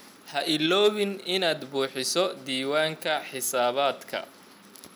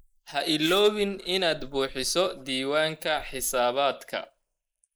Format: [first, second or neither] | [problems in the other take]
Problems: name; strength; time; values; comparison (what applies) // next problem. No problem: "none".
first | noise reduction (neural mask model Resemble Enhance denoiser)